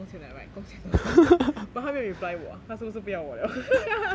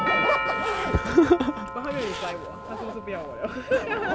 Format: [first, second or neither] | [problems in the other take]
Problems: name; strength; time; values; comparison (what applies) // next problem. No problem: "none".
first | background sound (Zipper (clothing) + Doorbell); 2 dB below the speech